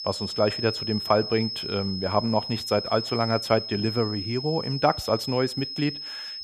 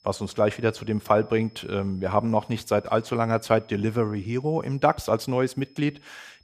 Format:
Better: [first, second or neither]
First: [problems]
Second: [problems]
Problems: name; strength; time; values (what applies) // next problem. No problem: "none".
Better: second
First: high-pitched whine; loud; throughout; 5 kHz, 5 dB below the speech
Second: high-pitched whine; faint; throughout; 5 kHz, 35 dB below the speech